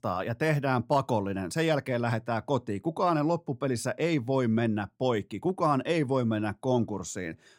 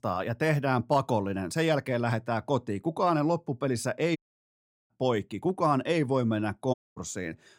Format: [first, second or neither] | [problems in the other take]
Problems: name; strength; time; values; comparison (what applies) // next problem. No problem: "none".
first | audio cutting out; at 4 s for 0.5 s and at 6.5 s